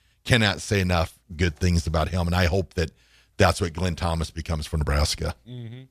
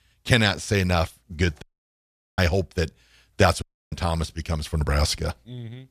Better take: first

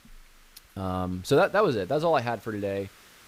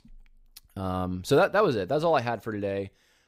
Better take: second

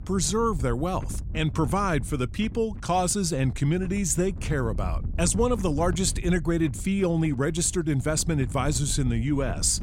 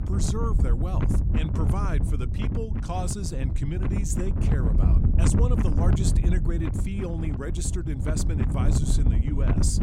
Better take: first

